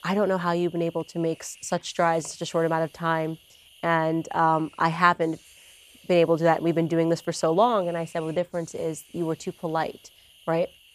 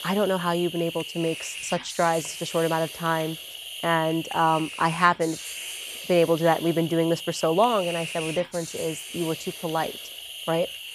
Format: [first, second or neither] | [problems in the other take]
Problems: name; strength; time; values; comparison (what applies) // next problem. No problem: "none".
first | hiss; loud; throughout; 9 dB below the speech; faint in the first